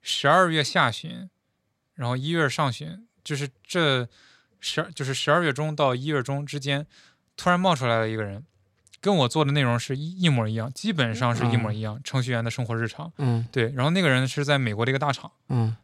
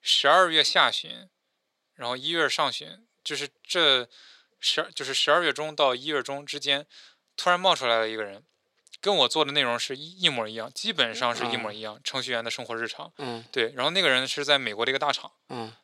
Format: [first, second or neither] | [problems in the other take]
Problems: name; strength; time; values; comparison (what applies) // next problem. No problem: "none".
first | thin; somewhat; fading below 450 Hz